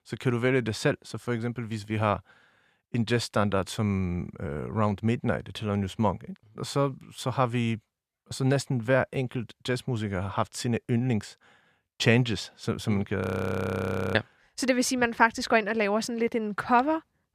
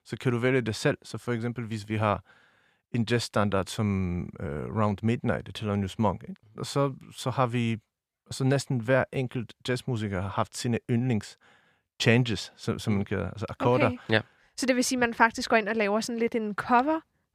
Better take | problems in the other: second | audio freezing; at 13 s for 1 s

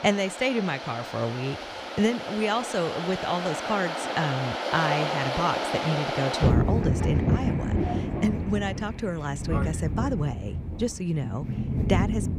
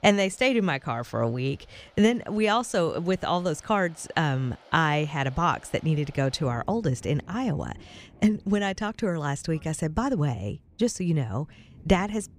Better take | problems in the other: second | rain or running water; loud; throughout; as loud as the speech; faint in the second

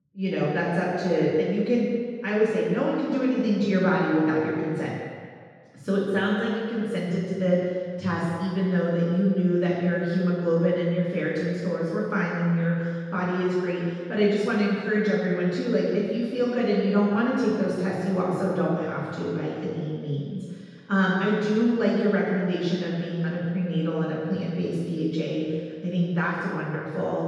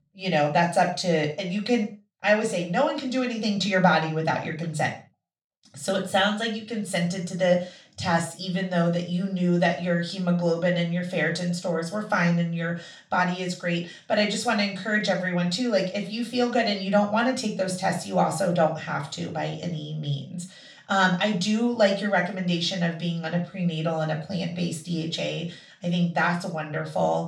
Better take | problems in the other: second | room echo; strong; dies away in 1.8 s; slight in the second // off-mic speech; far; far in the second

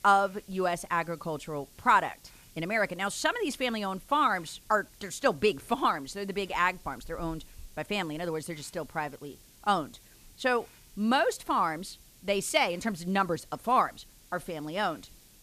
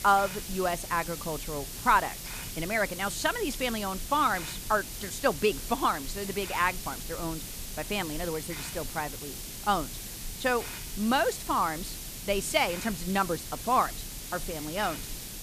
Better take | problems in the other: first | hiss; loud; throughout; 8 dB below the speech; faint in the first

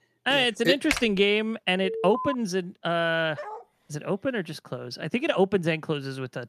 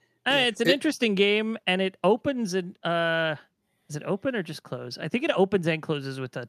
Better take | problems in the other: second | keyboard typing; noticeable; at 1 s; peak 4 dB below the speech // alarm; noticeable; at 2 s; peak 6 dB below the speech // dog barking; faint; at 3.5 s; peak 15 dB below the speech

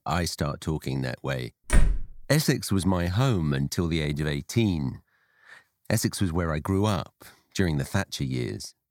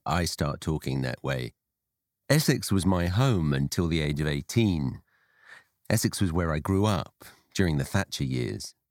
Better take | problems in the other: second | door banging; loud; at 1.5 s; peak 1 dB above the speech

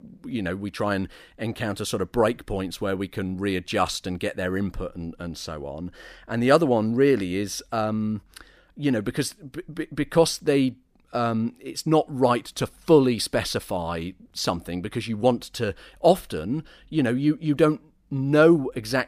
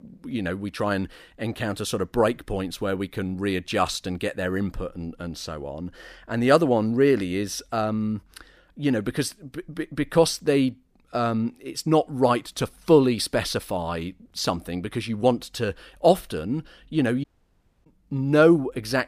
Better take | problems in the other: first | audio cutting out; at 17 s for 0.5 s

